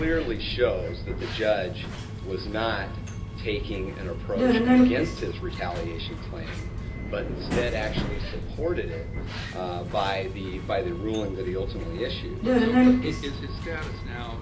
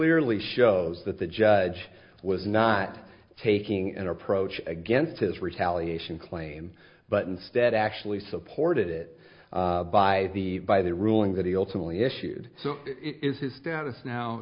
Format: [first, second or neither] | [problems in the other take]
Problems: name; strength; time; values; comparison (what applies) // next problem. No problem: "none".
second | background sound (Subway, metro, underground); 3 dB above the speech // room echo; dies away in 0.2 s